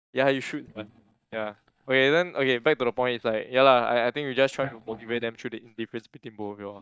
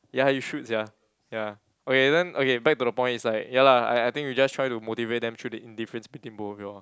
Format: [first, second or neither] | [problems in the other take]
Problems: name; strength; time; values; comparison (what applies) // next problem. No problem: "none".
second | noise reduction (neural mask model DeepFilterNet 3)